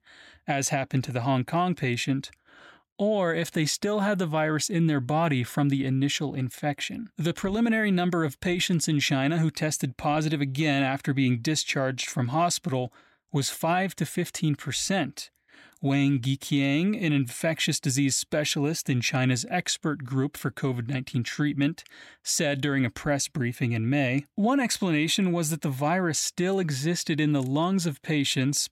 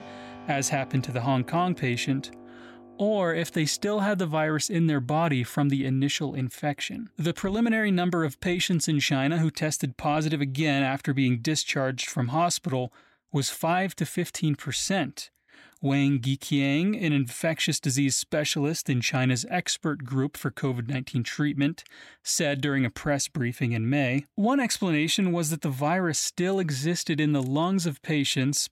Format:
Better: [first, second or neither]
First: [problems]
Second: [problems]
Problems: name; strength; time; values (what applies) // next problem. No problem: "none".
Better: first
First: none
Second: background music; faint; throughout; 20 dB below the speech